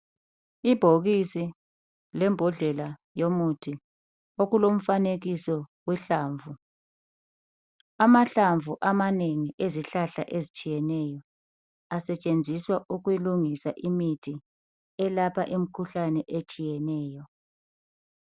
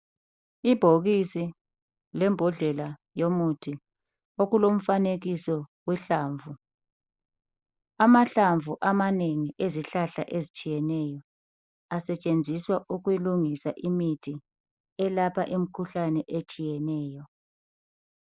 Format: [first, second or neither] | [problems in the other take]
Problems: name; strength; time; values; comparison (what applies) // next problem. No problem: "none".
first | noise reduction (neural mask model Resemble Enhance denoiser)